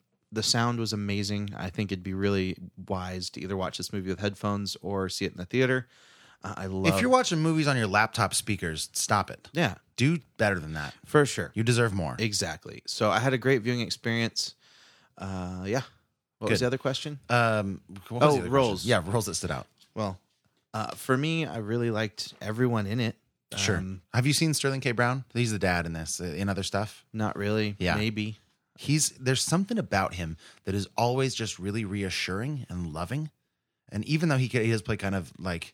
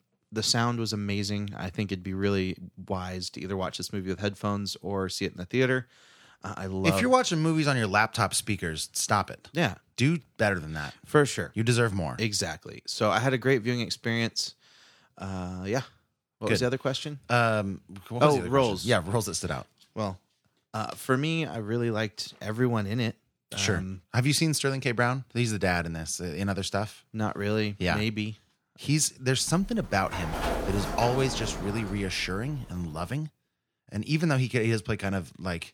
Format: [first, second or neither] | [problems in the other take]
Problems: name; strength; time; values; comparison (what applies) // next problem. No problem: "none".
first | door banging; noticeable; from 30 to 33 s; peak 2 dB below the speech